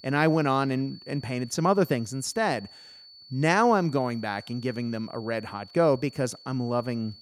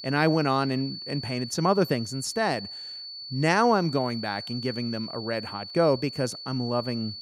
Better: first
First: high-pitched whine; faint; throughout; 4.5 kHz, 20 dB below the speech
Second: high-pitched whine; loud; throughout; 4.5 kHz, 10 dB below the speech

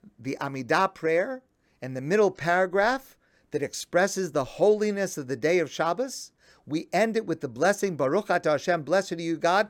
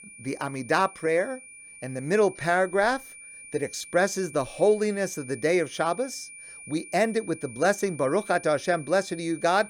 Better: first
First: none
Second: high-pitched whine; noticeable; throughout; 2.5 kHz, 15 dB below the speech

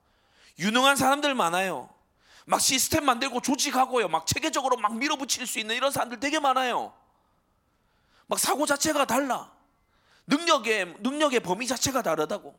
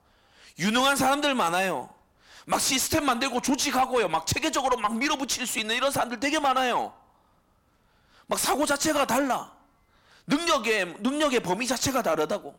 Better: first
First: none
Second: distortion; slight; 10 dB below the speech

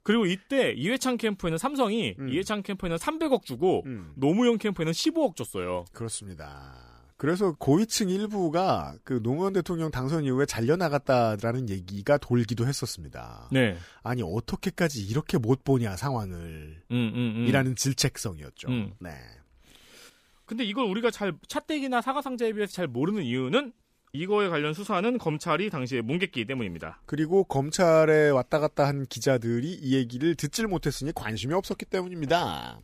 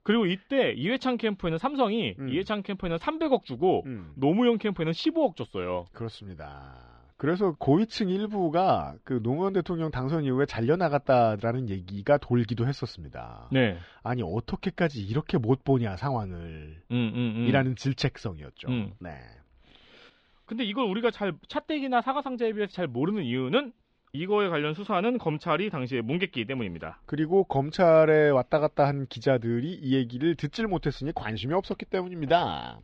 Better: first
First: none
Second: muffled; slightly; fading above 3.5 kHz

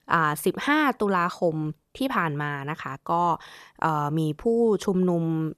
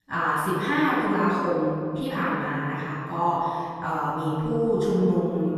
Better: first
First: none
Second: room echo; strong; dies away in 2.3 s // off-mic speech; far

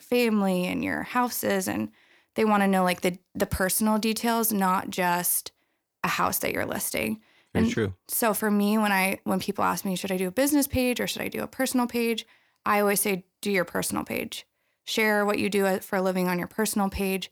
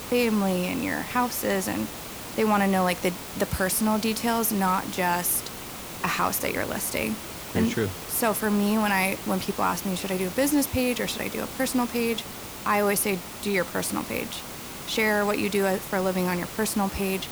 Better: first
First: none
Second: hiss; loud; throughout; 10 dB below the speech

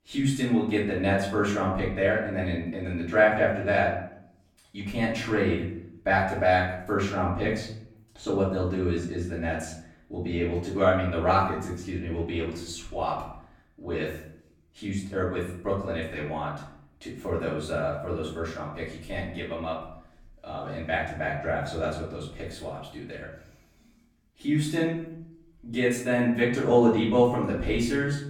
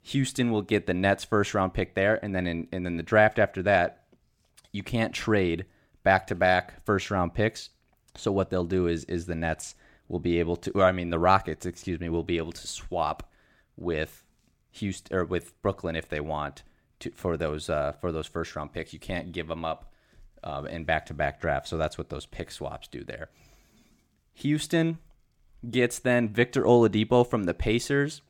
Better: second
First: off-mic speech; far // room echo; noticeable; dies away in 0.6 s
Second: none

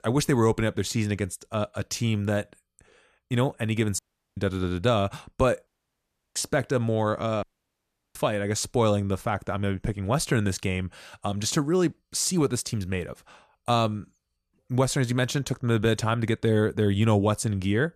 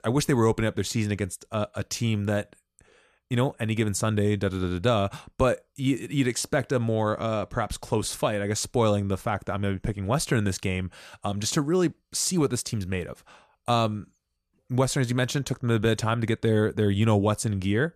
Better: second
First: audio cutting out; at 4 s, at 5.5 s for 0.5 s and at 7.5 s for 0.5 s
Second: none

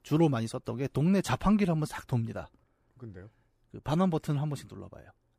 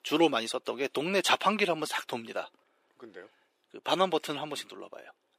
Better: first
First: none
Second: thin; very; fading below 350 Hz

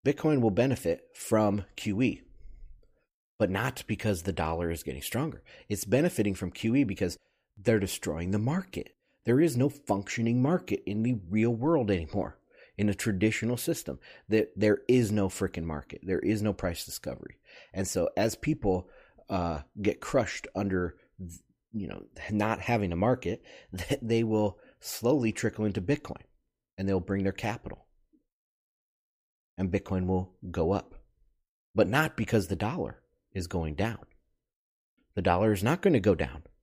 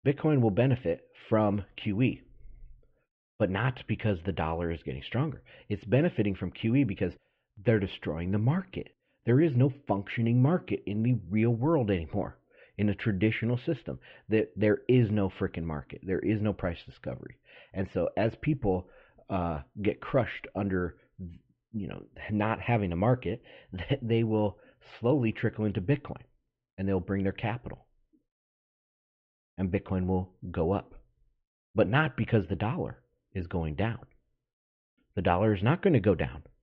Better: first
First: none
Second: muffled; very; fading above 3.5 kHz

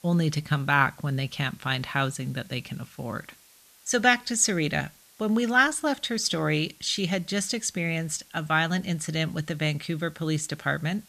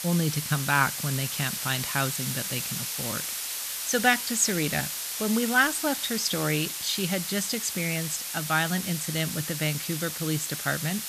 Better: first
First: hiss; faint; throughout; 25 dB below the speech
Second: hiss; loud; throughout; 3 dB below the speech

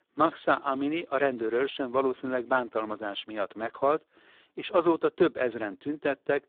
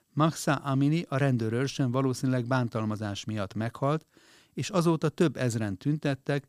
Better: second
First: phone-call audio; poor line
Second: none

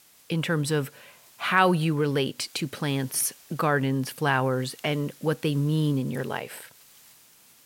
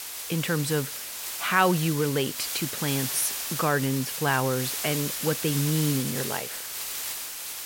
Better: first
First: hiss; faint; throughout; 25 dB below the speech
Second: hiss; loud; throughout; 3 dB below the speech

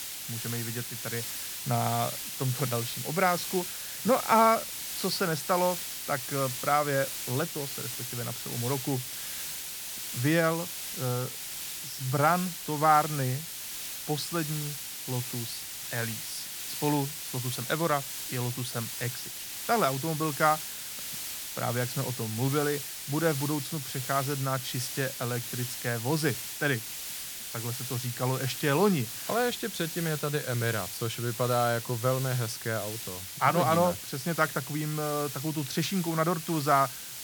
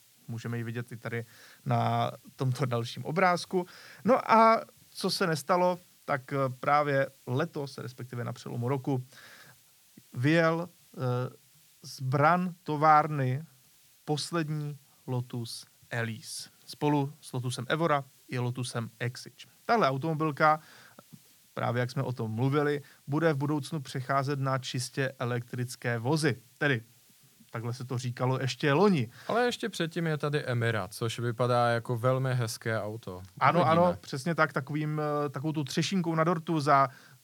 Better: second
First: hiss; loud; throughout; 5 dB below the speech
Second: hiss; faint; throughout; 30 dB below the speech

